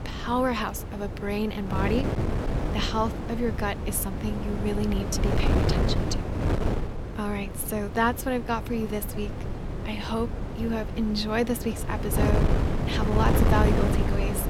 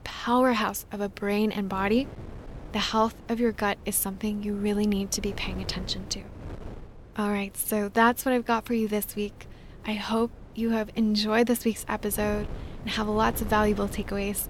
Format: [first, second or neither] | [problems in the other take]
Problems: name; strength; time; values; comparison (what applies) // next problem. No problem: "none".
second | wind noise on the microphone; heavy; 4 dB below the speech; occasional gusts in the second